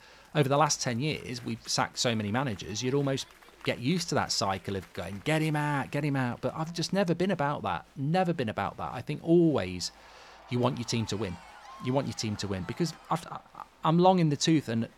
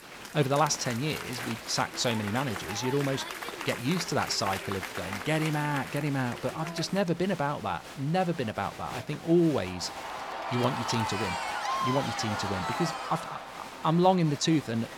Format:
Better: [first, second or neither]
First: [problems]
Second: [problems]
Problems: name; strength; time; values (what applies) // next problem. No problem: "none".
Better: first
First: crowd noise; faint; throughout; 25 dB below the speech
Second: crowd noise; loud; throughout; 7 dB below the speech